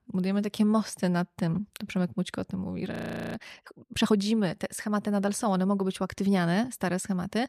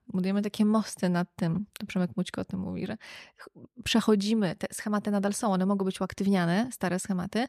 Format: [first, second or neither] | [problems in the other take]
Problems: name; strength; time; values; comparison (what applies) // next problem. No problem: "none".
second | audio freezing; at 3 s